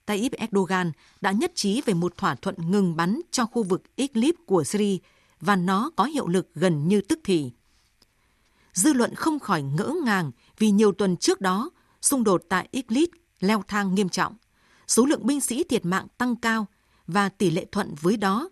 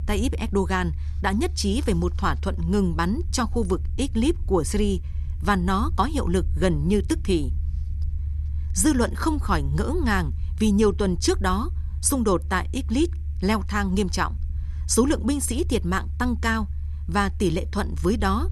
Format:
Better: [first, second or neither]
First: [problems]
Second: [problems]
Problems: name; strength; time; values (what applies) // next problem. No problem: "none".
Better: first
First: none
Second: low rumble; faint; throughout; 20 dB below the speech